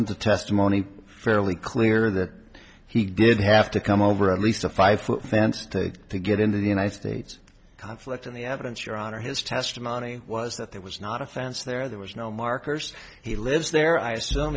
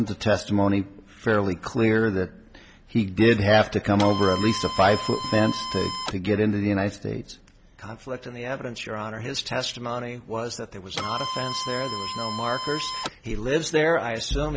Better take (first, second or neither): first